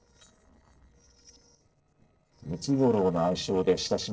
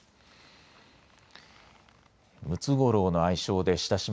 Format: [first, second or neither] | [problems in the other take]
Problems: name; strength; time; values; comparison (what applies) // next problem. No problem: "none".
second | noise reduction (neural separator model SepFormer DNS4)